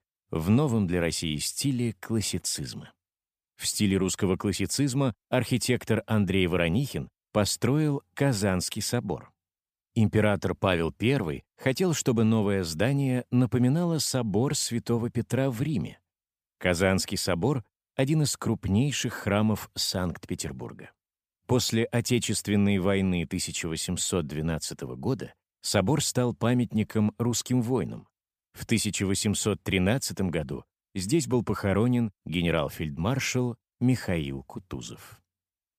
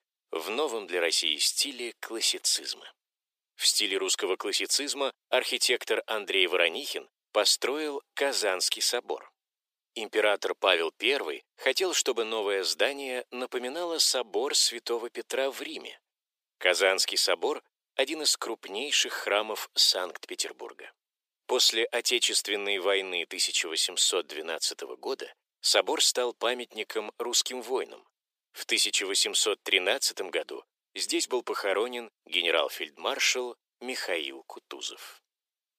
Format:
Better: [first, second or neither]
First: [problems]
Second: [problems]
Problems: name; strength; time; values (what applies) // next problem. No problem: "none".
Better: first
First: none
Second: thin; very; fading below 350 Hz